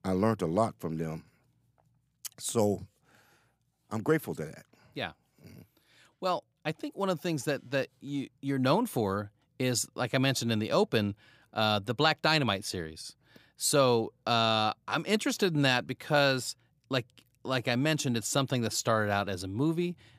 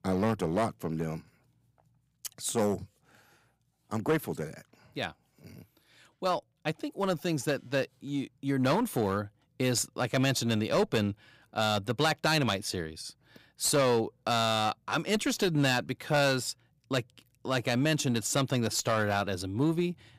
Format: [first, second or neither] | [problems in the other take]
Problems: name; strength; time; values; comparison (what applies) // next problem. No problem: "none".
first | distortion; slight; 5% of the sound clipped